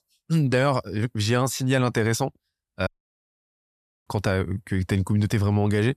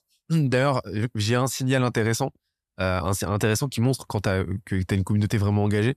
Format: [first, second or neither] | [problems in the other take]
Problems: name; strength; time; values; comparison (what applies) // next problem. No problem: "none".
second | audio cutting out; at 3 s for 1 s